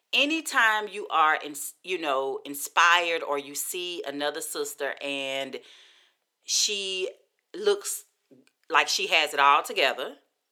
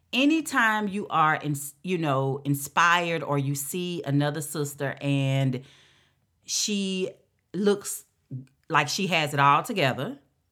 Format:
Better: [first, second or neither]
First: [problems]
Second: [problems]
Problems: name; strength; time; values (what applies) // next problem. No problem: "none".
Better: second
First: thin; very; fading below 400 Hz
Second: none